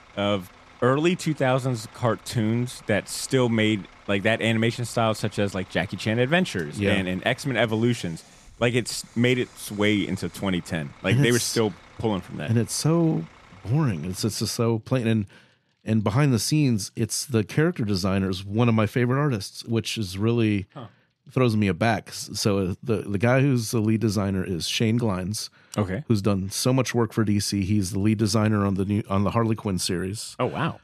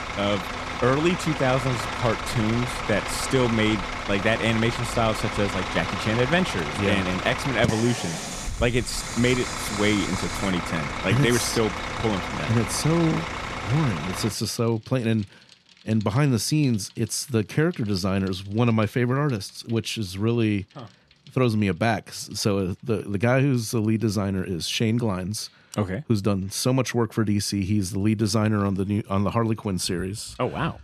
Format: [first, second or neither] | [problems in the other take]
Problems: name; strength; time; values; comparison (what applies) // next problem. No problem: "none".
first | traffic noise; loud; throughout; 5 dB below the speech; faint in the first